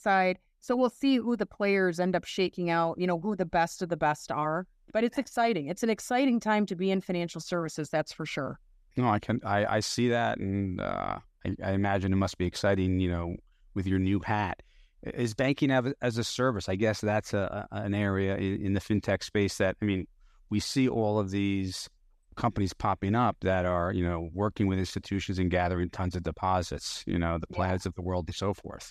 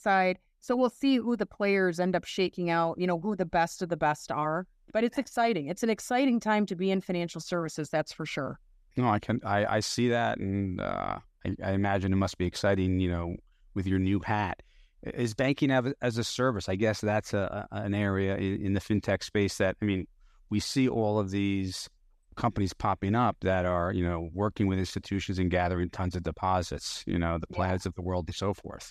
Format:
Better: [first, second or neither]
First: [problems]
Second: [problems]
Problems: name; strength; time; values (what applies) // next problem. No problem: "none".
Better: neither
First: none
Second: none